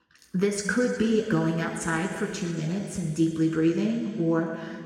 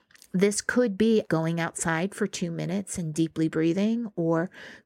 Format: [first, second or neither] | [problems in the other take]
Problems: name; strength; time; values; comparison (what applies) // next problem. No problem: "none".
second | room echo; noticeable; dies away in 2.4 s // off-mic speech; somewhat distant